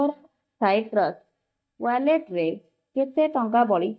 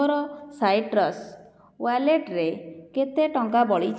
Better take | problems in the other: second | noise reduction (neural mask model DeepFilterNet 3)

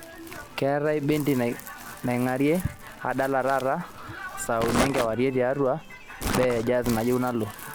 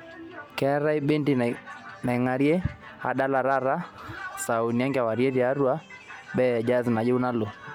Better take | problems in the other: second | background sound (Crumpling, crinkling); 10 dB below the speech

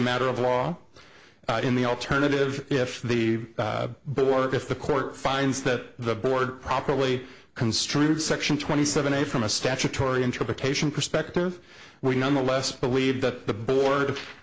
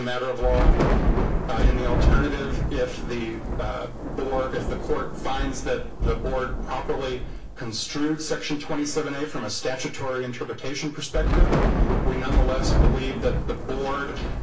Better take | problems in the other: first | background sound (Thunder / Rain); 4 dB above the speech // room echo; dies away in 0.2 s

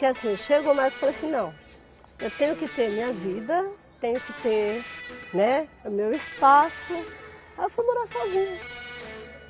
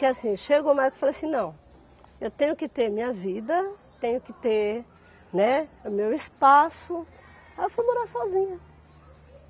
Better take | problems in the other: second | background sound (Electric guitar); 15 dB below the speech

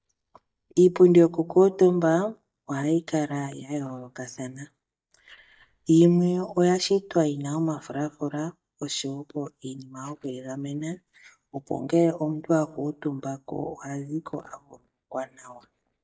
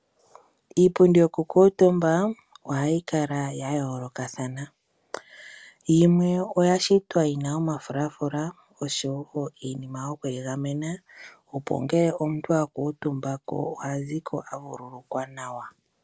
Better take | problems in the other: second | noise reduction (neural mask model DeepFilterNet 3)

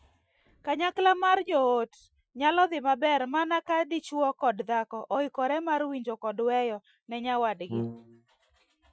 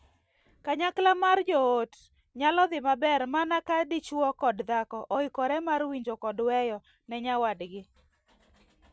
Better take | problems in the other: second | noise reduction (classical method Wiener filter)

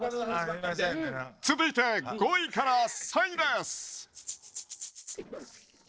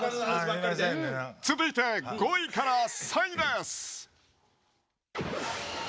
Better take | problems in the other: second | noise reduction (neural separator model SepFormer DNS4)

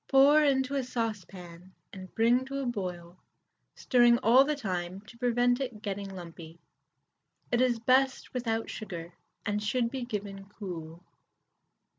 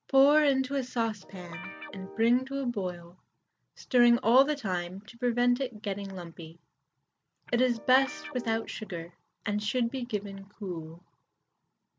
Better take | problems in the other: first | background sound (Guitar); 14 dB below the speech

